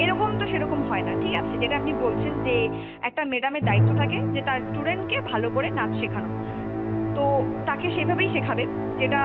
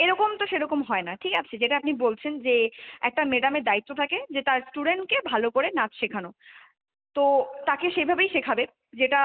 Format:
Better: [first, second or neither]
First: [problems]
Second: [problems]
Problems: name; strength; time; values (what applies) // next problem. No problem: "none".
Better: second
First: background sound (Musical instrument); 1 dB above the speech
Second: none